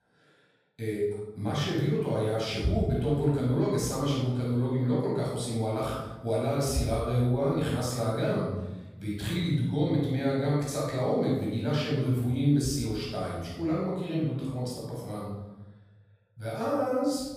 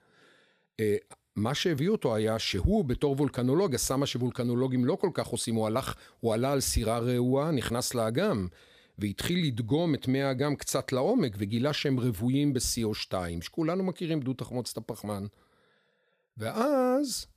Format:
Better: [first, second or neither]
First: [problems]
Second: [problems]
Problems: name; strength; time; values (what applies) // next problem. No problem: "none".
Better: second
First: off-mic speech; far // room echo; strong; dies away in 1 s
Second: none